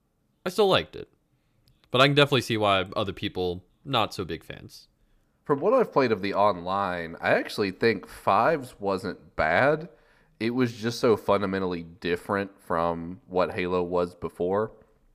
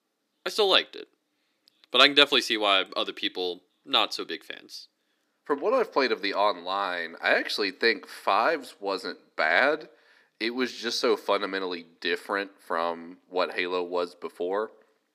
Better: first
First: none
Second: thin; very slightly; fading below 300 Hz

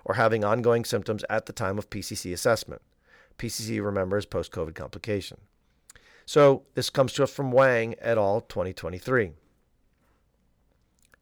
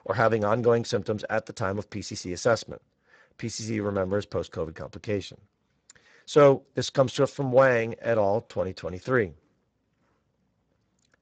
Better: first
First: none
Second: garbled, watery; badly; nothing above 7.5 kHz

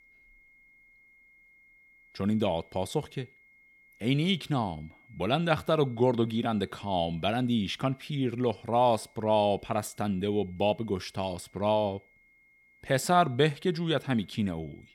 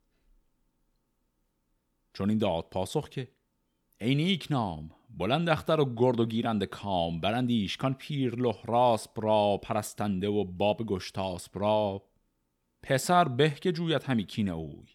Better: second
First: high-pitched whine; faint; throughout; 2 kHz, 30 dB below the speech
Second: none

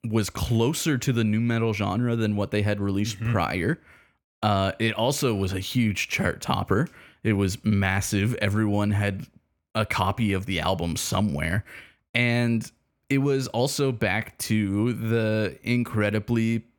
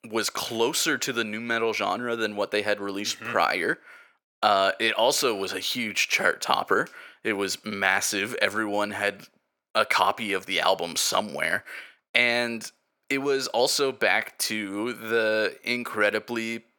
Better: first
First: none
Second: thin; very; fading below 500 Hz

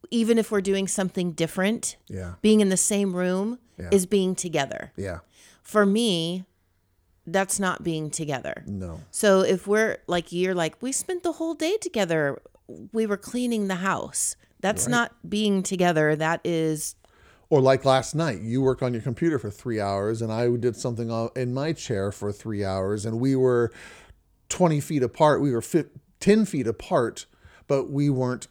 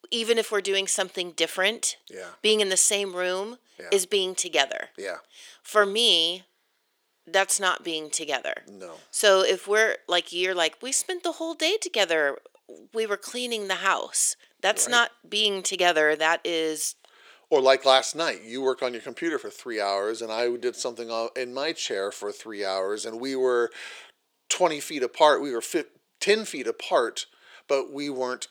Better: first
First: none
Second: thin; very; fading below 400 Hz

